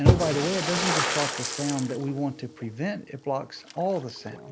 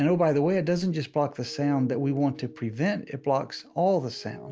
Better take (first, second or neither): second